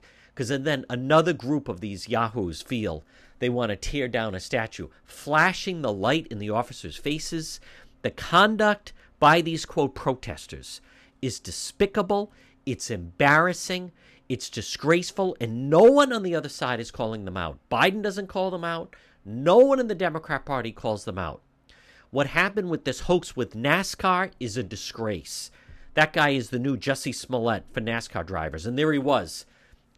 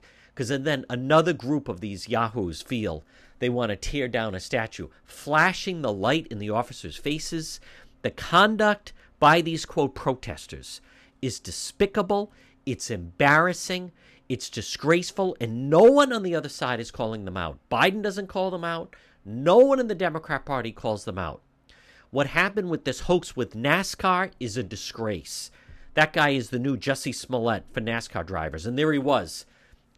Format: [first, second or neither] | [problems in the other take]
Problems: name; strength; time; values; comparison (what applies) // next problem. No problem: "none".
neither | none